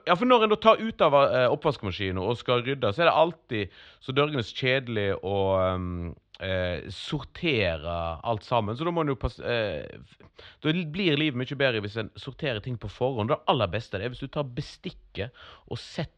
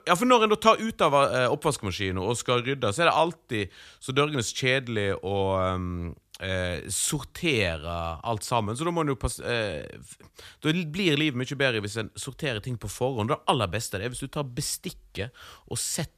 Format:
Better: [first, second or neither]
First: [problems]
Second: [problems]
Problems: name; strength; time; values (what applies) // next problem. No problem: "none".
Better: second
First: muffled; slightly; fading above 3.5 kHz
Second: none